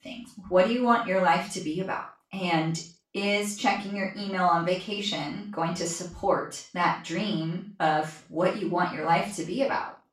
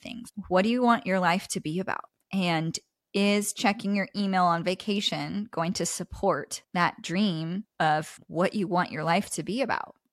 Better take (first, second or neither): second